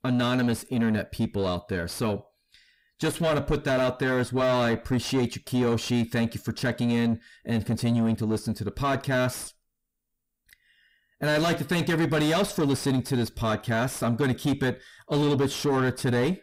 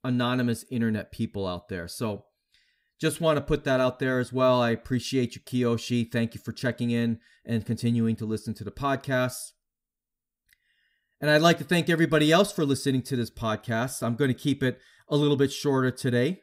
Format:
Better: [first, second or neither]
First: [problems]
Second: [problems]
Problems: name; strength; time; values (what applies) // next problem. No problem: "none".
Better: second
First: distortion; heavy; 7 dB below the speech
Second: none